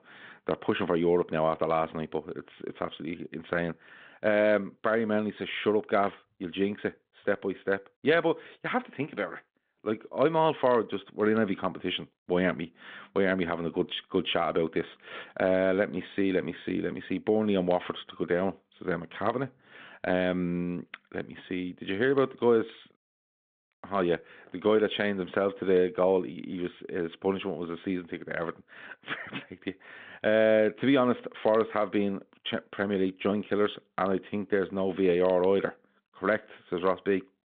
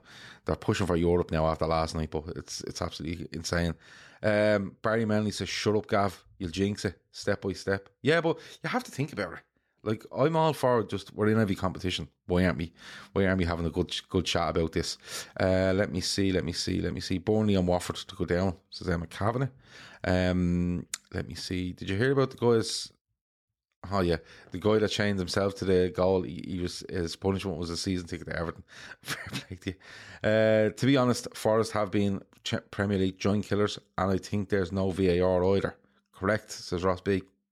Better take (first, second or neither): second